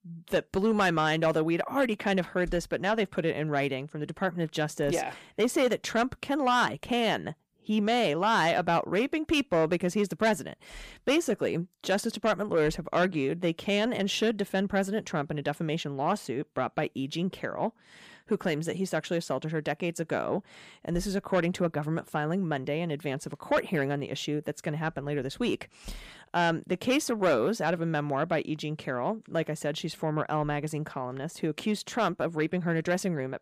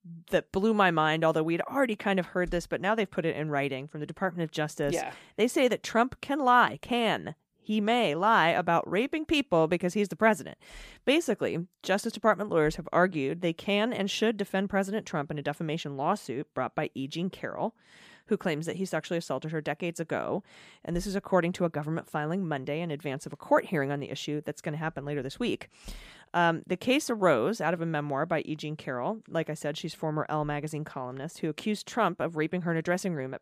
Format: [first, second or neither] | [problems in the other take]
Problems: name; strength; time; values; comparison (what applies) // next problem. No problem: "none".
second | distortion; slight; 10 dB below the speech